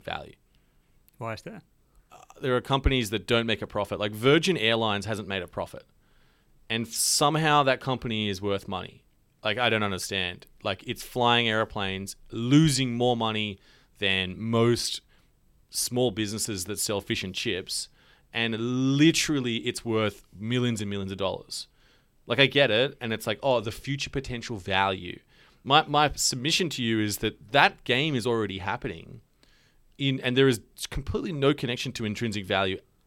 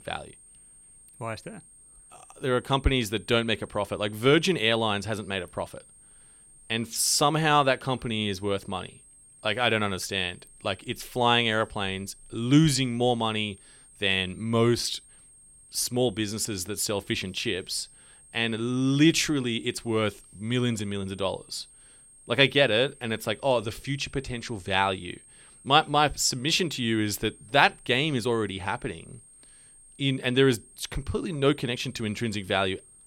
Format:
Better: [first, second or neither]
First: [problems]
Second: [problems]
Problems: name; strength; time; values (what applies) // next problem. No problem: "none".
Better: first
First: none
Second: high-pitched whine; faint; throughout; 8.5 kHz, 25 dB below the speech